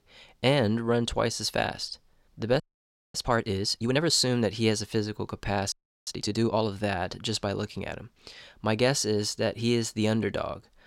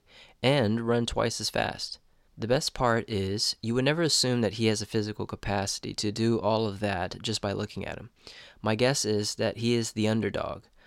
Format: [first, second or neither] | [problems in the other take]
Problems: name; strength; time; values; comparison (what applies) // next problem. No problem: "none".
second | audio freezing; at 2.5 s for 0.5 s and at 5.5 s